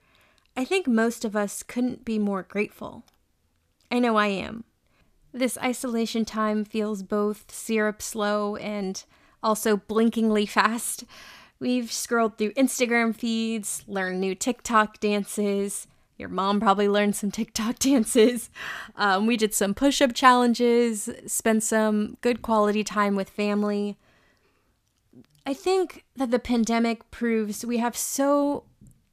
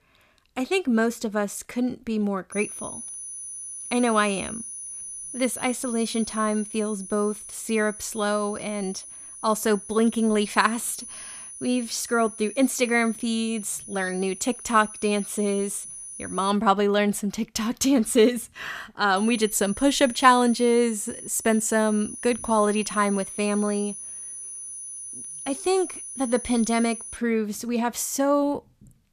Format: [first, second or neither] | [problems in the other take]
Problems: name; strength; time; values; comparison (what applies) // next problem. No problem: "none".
first | high-pitched whine; noticeable; from 2.5 to 17 s and from 19 to 27 s; 9.5 kHz, 10 dB below the speech